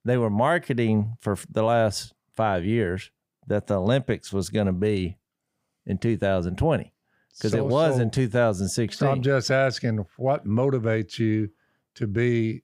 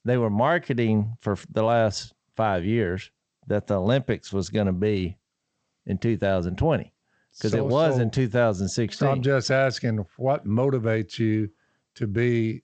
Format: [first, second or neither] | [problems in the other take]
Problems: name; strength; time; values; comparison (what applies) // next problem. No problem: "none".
first | garbled, watery; slightly; nothing above 7.5 kHz